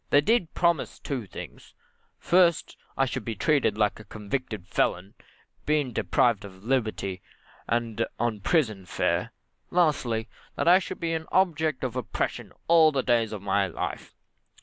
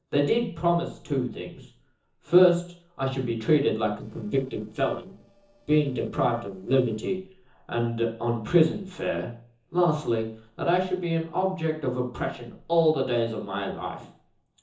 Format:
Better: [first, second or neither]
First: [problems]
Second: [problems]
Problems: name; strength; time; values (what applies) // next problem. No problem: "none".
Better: first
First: none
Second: noise reduction (neural separator model SepFormer DNS4)